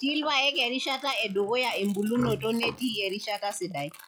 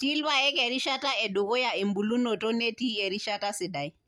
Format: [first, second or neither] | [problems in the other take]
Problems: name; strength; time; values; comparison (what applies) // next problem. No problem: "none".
second | noise reduction (classical method log-MMSE)